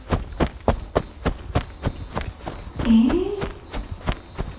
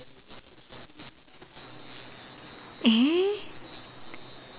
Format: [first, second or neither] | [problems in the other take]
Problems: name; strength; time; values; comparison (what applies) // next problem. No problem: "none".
second | background sound (Run); as loud as the speech // room echo; dies away in 0.7 s